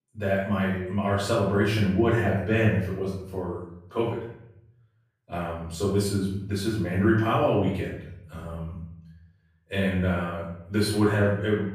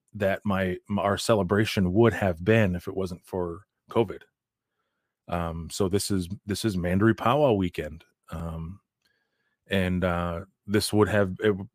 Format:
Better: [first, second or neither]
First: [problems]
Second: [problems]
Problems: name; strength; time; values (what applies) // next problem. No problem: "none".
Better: second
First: off-mic speech; far // room echo; noticeable; dies away in 0.7 s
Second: none